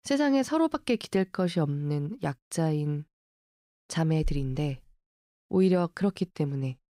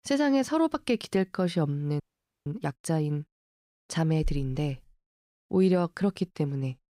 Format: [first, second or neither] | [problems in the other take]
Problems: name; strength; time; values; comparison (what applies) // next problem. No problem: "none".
first | audio freezing; at 2 s